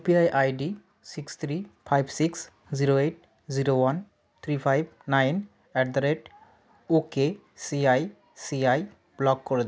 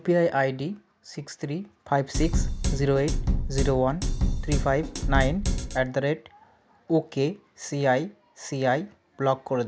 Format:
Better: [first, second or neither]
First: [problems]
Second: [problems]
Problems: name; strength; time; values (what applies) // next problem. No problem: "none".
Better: first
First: none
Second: background sound (Drum kit); 1 dB above the speech